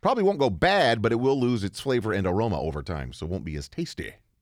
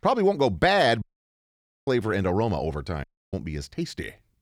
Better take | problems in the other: first | audio cutting out; at 1 s for 1 s and at 3 s

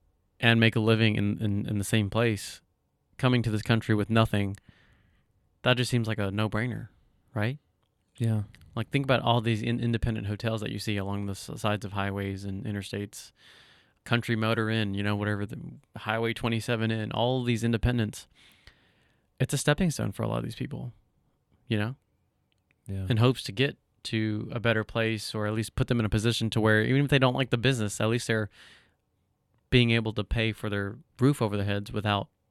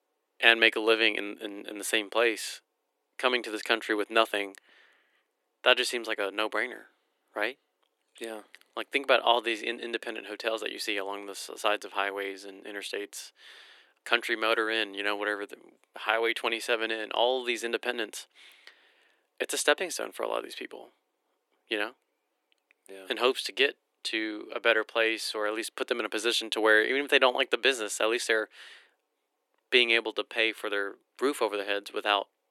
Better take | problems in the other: first | thin; very; fading below 350 Hz

